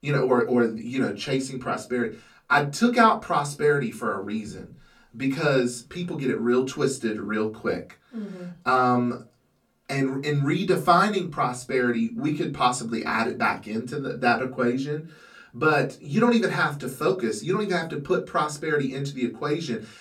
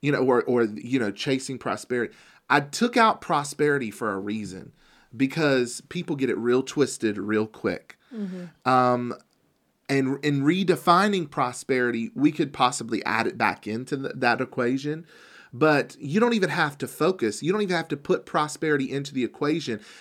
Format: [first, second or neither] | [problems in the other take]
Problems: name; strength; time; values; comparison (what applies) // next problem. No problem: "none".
second | off-mic speech; far // room echo; very slight; dies away in 0.2 s